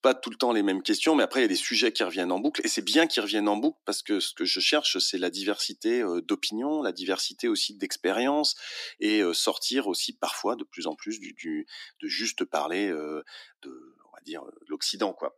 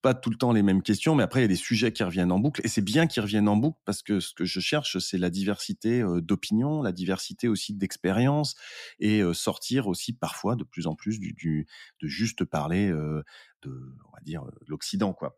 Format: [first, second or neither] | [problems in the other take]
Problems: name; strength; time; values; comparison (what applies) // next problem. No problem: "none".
second | thin; somewhat; fading below 300 Hz